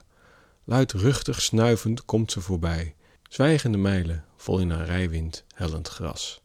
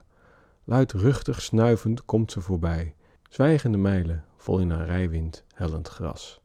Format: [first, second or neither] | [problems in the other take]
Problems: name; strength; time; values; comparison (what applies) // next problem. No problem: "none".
first | muffled; slightly; fading above 2 kHz